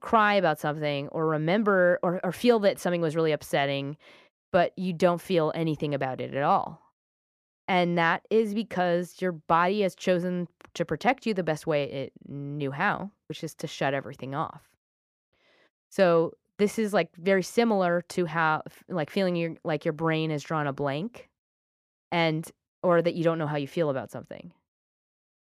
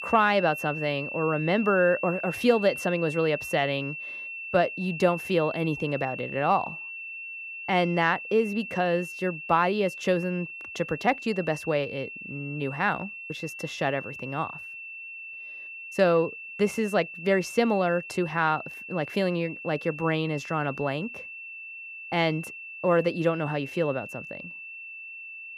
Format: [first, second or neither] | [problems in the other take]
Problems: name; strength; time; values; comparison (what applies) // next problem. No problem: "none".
first | high-pitched whine; loud; throughout; 2.5 kHz, 10 dB below the speech